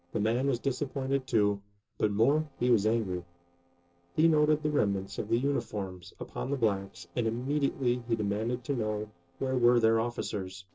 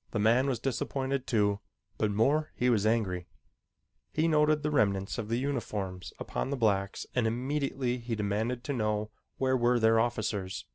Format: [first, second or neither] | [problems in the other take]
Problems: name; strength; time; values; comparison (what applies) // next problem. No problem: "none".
second | noise reduction (neural separator model SepFormer DNS4)